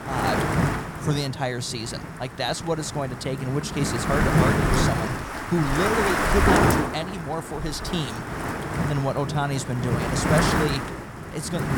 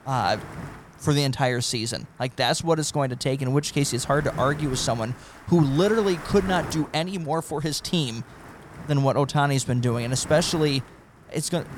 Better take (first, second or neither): second